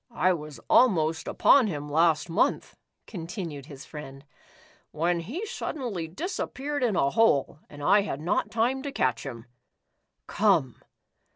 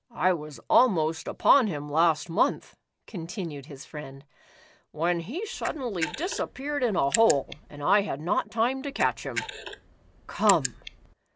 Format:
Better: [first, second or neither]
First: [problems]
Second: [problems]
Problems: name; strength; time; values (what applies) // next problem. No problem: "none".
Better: first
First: none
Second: background sound (Camera); 10 dB below the speech